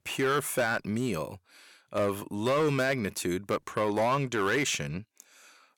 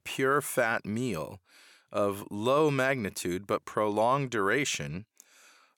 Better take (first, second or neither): second